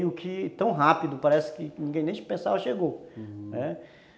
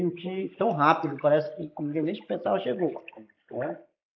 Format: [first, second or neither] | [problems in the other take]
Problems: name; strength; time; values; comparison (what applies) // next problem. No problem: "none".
first | noise reduction (neural mask model Resemble Enhance denoiser)